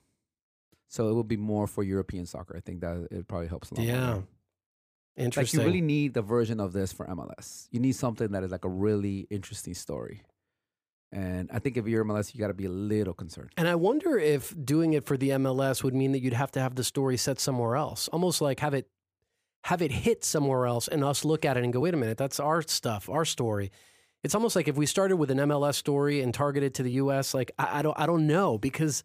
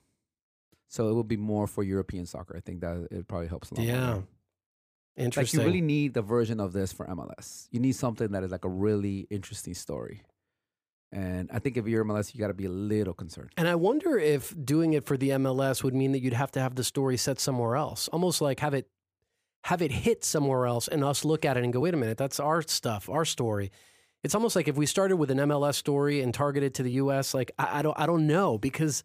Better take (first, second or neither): neither